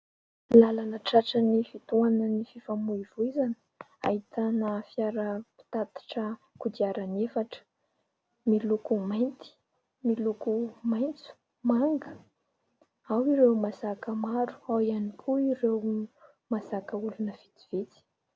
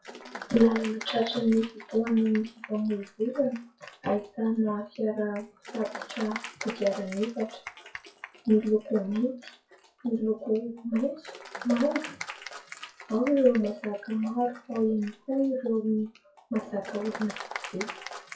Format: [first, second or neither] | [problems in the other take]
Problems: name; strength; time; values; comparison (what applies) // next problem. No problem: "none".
first | noise reduction (classical method WPE with log-MMSE)